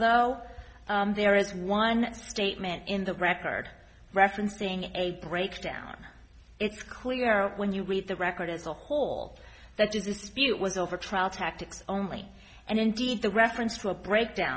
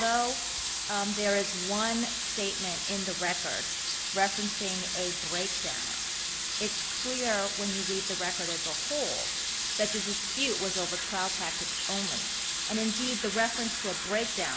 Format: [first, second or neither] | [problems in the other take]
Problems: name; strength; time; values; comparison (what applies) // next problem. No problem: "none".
first | background sound (Sink (filling or washing) / Water tap, faucet); 1 dB above the speech